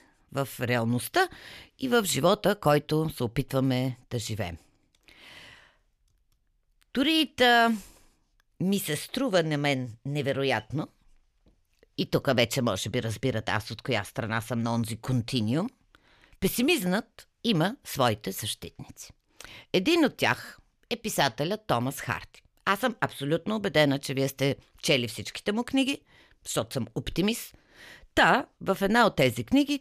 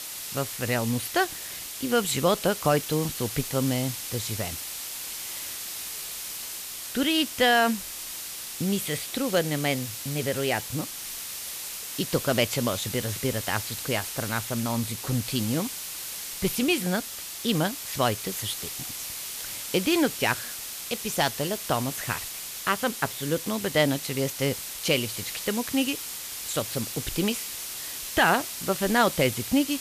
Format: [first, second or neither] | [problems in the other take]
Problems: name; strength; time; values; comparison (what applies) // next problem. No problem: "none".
first | hiss; loud; throughout; 6 dB below the speech